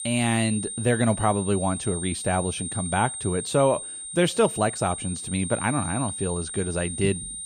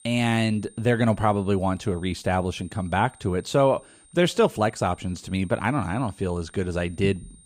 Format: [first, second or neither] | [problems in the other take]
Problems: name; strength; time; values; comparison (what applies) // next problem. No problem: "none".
second | high-pitched whine; loud; throughout; 8.5 kHz, 6 dB below the speech; faint in the second